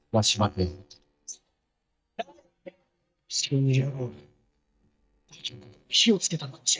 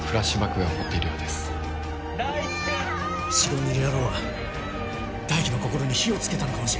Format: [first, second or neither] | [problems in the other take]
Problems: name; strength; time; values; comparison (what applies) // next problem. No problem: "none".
second | noise reduction (neural mask model DeepFilterNet 3)